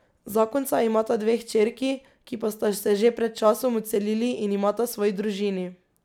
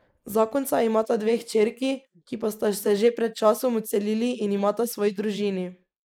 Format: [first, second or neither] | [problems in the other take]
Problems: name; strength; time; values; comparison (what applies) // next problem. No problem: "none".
first | noise reduction (neural mask model Resemble Enhance denoiser)